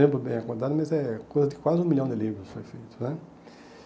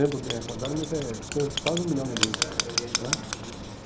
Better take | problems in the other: first | background sound (Writing); 1 dB below the speech

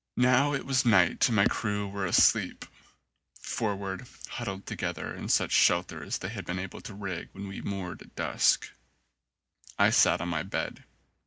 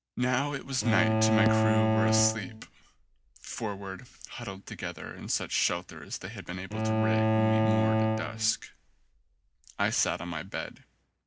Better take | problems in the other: first | background sound (Bowed string instrument); 4 dB above the speech

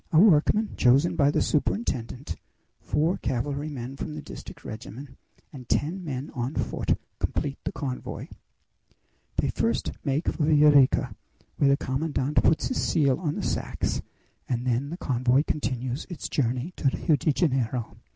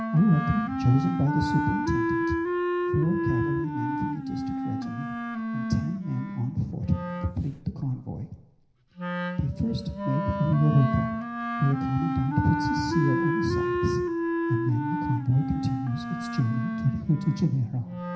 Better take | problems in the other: first | background sound (Wind instrument, woodwind instrument); 2 dB below the speech // room echo; dies away in 0.9 s

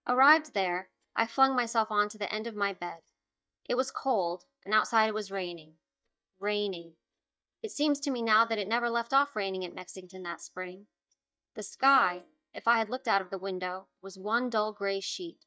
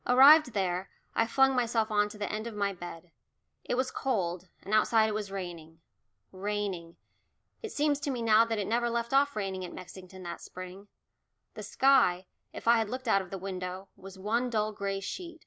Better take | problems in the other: second | noise reduction (neural mask model DeepFilterNet 3)

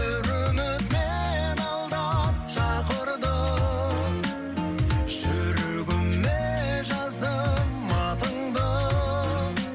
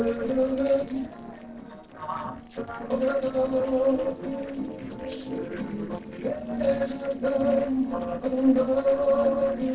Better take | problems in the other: first | noise reduction (neural separator model SepFormer DNS4)

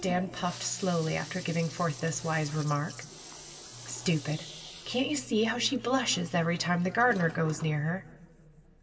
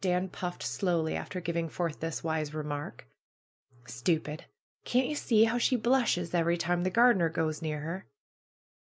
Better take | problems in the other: second | background sound (Toilet flush); 16 dB below the speech // room echo; dies away in 2.2 s

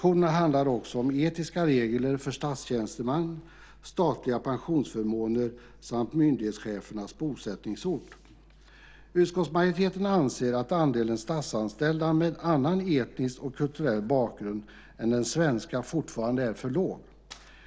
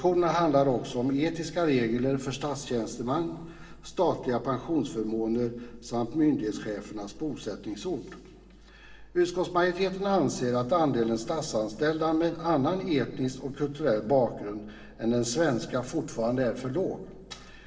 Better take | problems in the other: first | room echo; dies away in 2.9 s

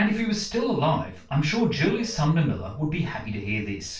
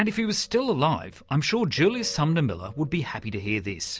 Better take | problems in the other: second | room echo; dies away in 0.3 s

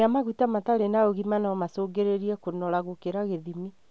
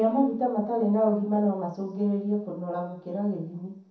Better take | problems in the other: first | room echo; dies away in 0.7 s

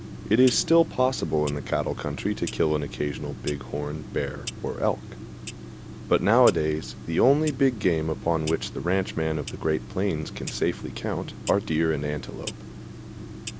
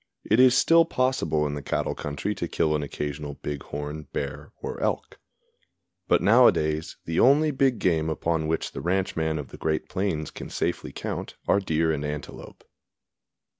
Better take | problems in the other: second | background sound (Clock); 12 dB below the speech

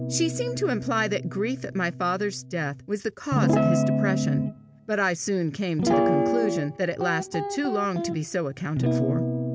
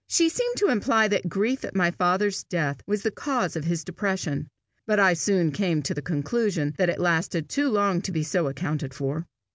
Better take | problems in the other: second | background sound (Guitar); 1 dB above the speech

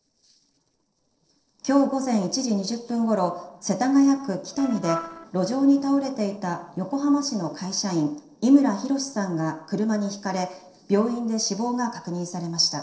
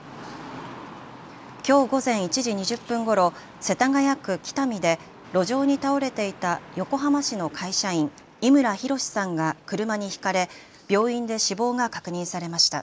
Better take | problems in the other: second | noise reduction (neural separator model SepFormer DNS4)

